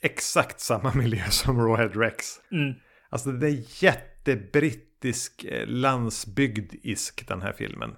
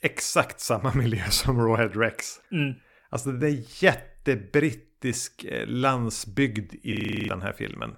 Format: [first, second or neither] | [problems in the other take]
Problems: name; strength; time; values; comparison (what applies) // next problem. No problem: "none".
first | audio freezing; at 7 s